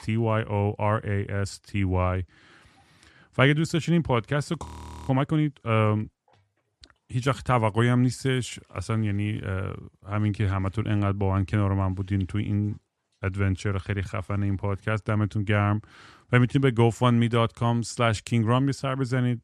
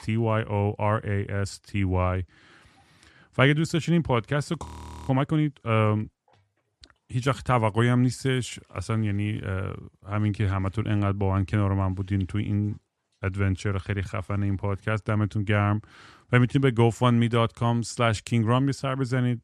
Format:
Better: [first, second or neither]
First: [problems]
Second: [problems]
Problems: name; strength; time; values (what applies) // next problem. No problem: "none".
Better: neither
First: audio freezing; at 4.5 s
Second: audio freezing; at 4.5 s